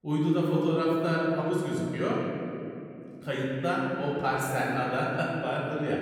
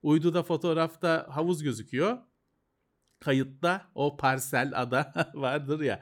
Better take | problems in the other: second | off-mic speech; far // room echo; noticeable; dies away in 2.8 s

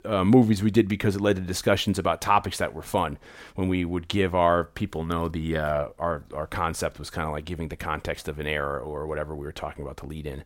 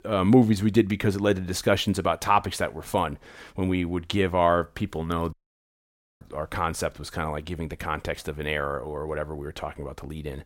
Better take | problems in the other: first | audio cutting out; at 5.5 s for 1 s

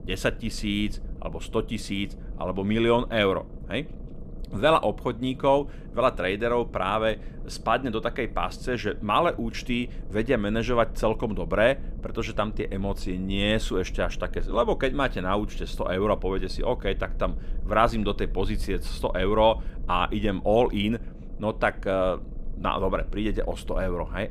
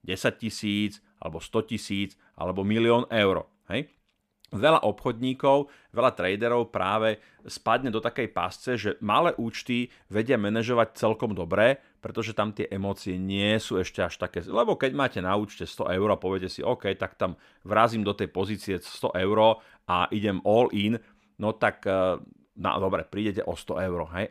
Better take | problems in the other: second | low rumble; faint; throughout; 25 dB below the speech

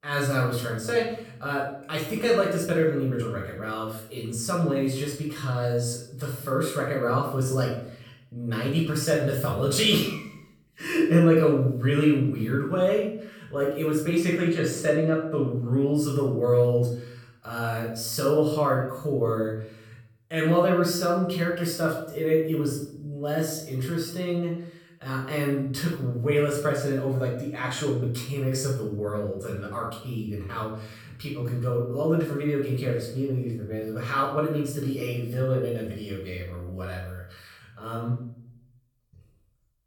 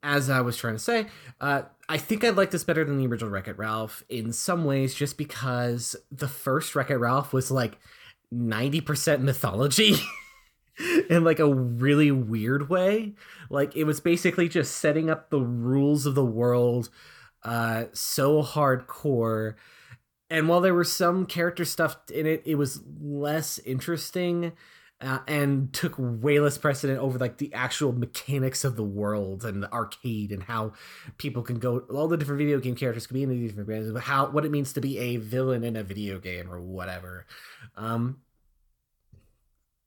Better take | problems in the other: second | off-mic speech; far // room echo; noticeable; dies away in 0.5 s

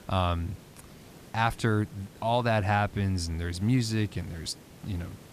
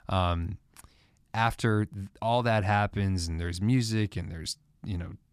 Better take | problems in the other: second | hiss; faint; throughout; 20 dB below the speech

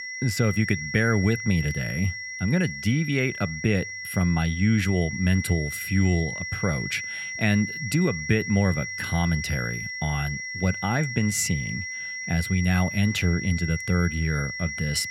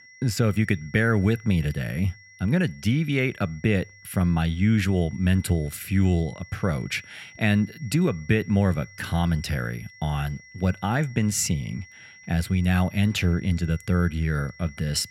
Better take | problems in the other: second | high-pitched whine; loud; throughout; 2 kHz, 6 dB below the speech; faint in the second

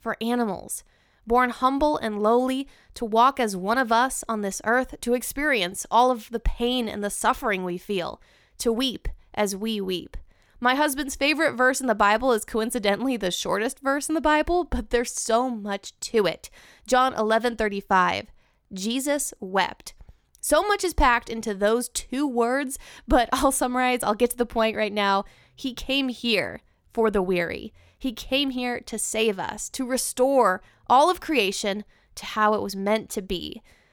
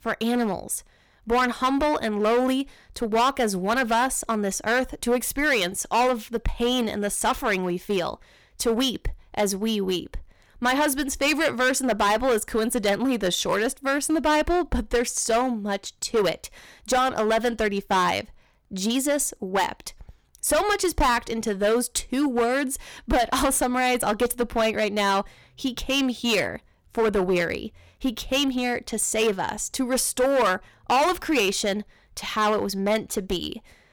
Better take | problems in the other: first | distortion; heavy; 9% of the sound clipped

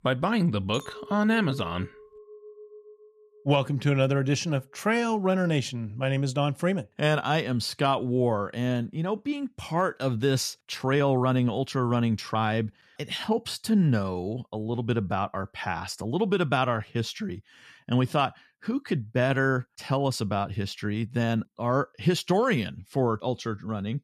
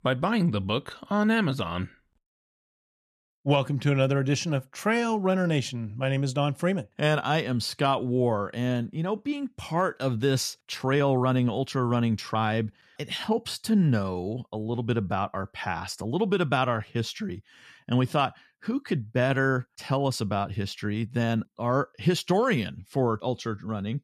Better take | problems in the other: second | clattering dishes; faint; from 0.5 to 4 s; peak 15 dB below the speech

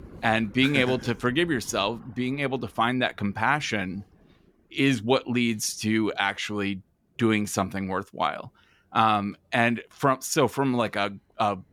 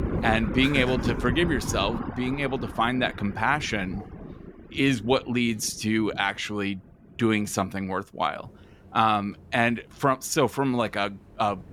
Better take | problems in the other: first | rain or running water; loud; throughout; 9 dB below the speech; faint in the first

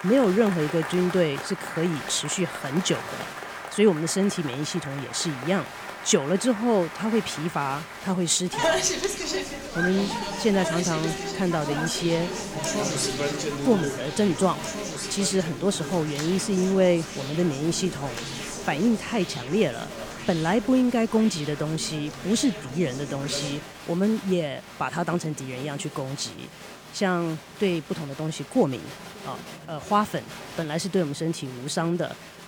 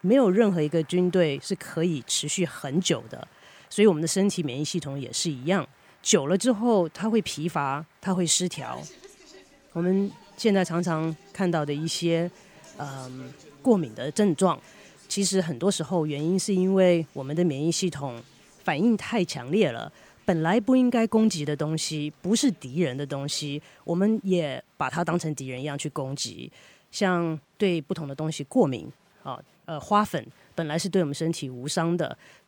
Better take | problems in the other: second | crowd noise; loud; throughout; 7 dB below the speech; faint in the second

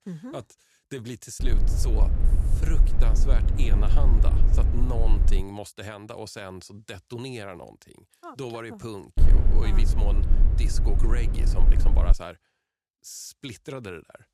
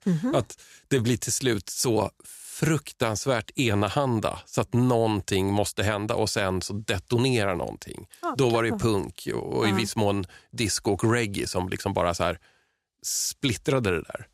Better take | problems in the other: second | low rumble; loud; from 1.5 to 5.5 s and from 9 to 12 s; 4 dB below the speech

